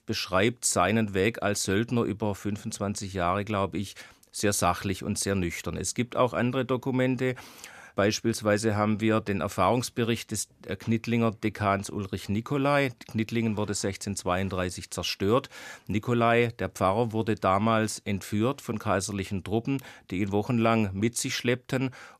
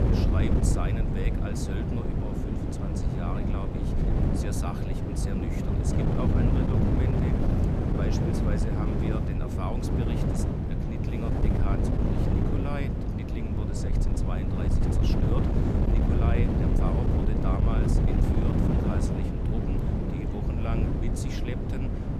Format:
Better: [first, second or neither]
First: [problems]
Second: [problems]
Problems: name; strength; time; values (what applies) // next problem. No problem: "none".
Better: first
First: none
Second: wind noise on the microphone; heavy; 5 dB above the speech